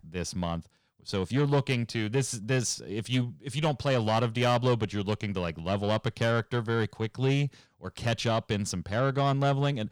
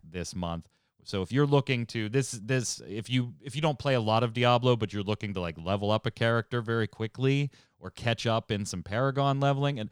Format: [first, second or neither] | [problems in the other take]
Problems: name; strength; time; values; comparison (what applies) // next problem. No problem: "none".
second | distortion; slight; 10 dB below the speech